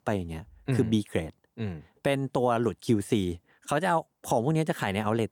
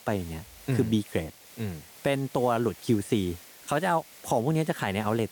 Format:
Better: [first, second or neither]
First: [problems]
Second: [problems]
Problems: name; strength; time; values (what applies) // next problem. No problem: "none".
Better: first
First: none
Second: hiss; noticeable; throughout; 20 dB below the speech